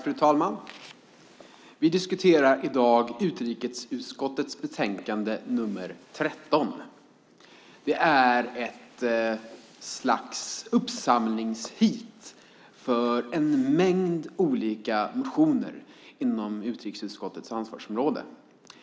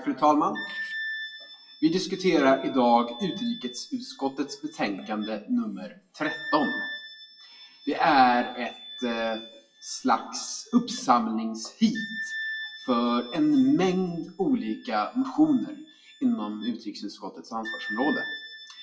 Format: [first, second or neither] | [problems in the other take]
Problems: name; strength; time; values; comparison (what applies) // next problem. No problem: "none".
first | noise reduction (classical method WPE with log-MMSE)